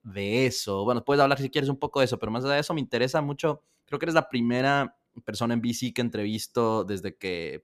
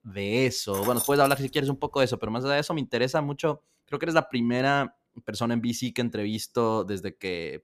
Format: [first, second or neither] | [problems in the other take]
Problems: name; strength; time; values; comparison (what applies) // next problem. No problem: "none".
first | jangling keys; noticeable; at 0.5 s; peak 3 dB below the speech